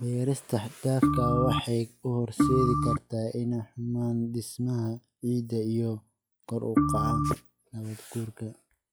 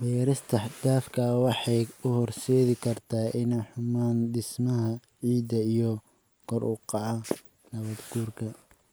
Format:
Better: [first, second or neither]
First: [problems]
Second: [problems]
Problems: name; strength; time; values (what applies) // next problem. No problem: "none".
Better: second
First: noise reduction (classical method log-MMSE)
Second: none